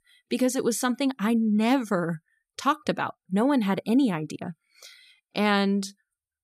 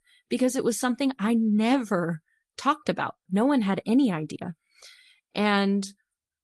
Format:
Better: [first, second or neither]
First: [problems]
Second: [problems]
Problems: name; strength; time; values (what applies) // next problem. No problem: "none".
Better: first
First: none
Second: garbled, watery; slightly; nothing above 12 kHz